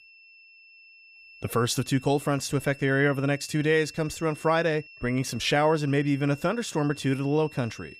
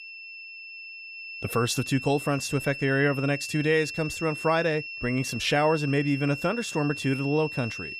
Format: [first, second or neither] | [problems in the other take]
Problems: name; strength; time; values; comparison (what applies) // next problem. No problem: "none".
first | high-pitched whine; loud; throughout; 2.5 kHz, 9 dB below the speech; faint in the first